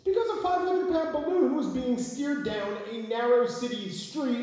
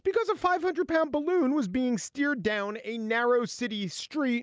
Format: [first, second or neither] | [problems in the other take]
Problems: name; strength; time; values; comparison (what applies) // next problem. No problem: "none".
second | room echo; dies away in 1 s